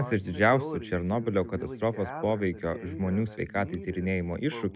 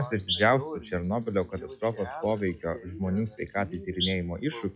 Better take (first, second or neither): first